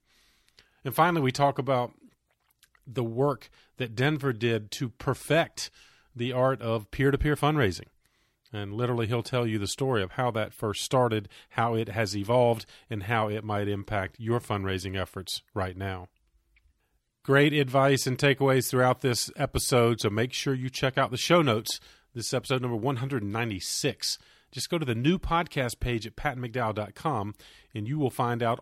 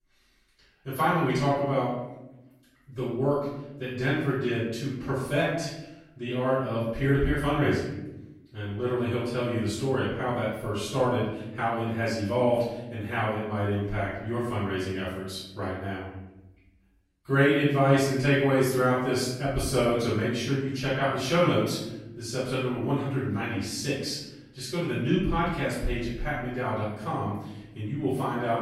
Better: first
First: none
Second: off-mic speech; far // room echo; noticeable; dies away in 0.9 s

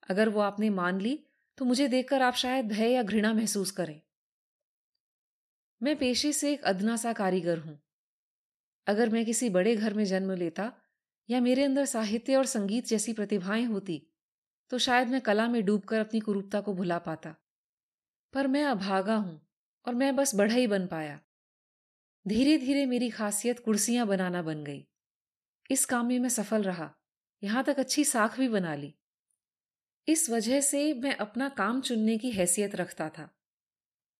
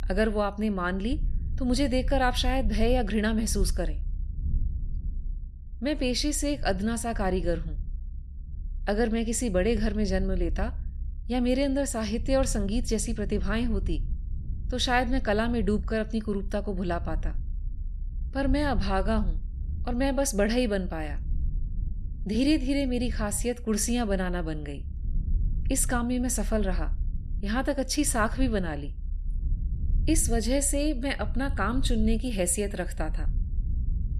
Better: first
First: none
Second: low rumble; faint; throughout; 25 dB below the speech

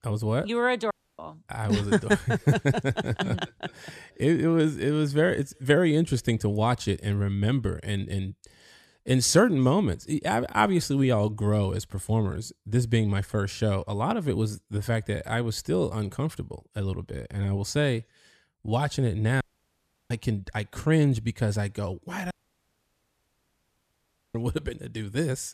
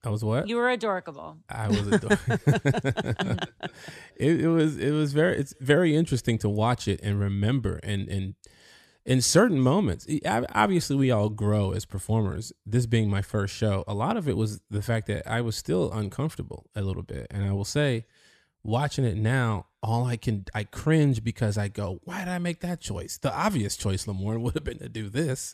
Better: second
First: audio cutting out; at 1 s, at 19 s for 0.5 s and at 22 s for 2 s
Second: none

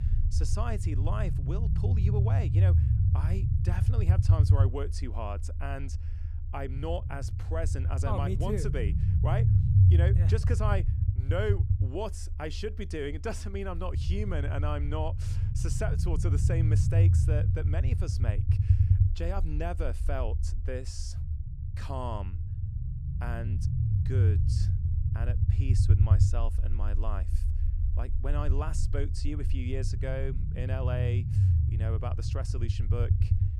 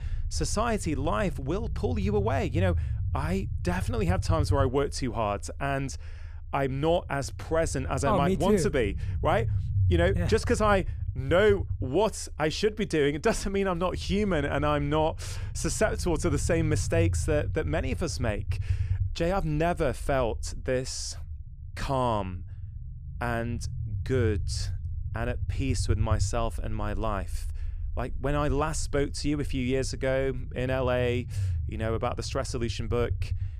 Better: second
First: low rumble; loud; throughout; 4 dB below the speech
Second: low rumble; faint; throughout; 20 dB below the speech

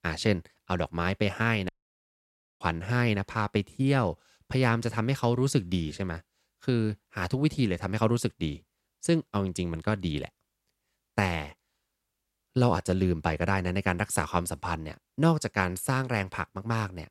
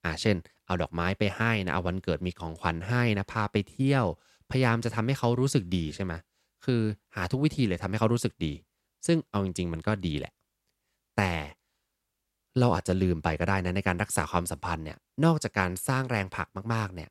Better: second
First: audio cutting out; at 1.5 s for 1 s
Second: none

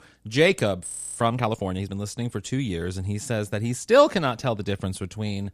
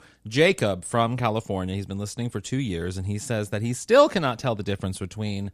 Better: second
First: audio freezing; at 1 s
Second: none

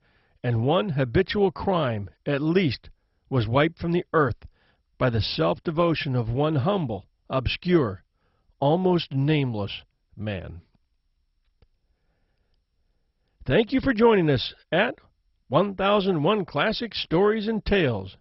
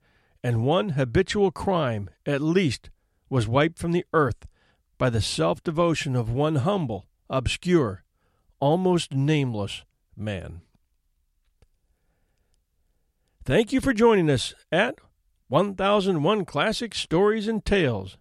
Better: second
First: garbled, watery; badly; nothing above 5.5 kHz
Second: none

